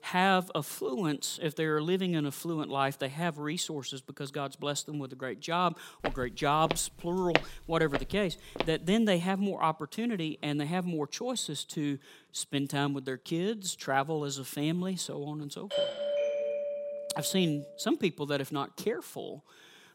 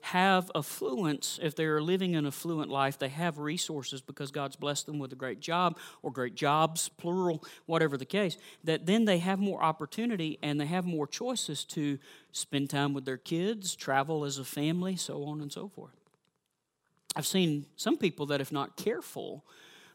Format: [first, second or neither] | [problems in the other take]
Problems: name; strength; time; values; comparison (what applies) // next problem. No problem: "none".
second | footsteps; loud; from 6 to 8.5 s; peak 1 dB above the speech // doorbell; loud; from 16 to 18 s; peak 1 dB above the speech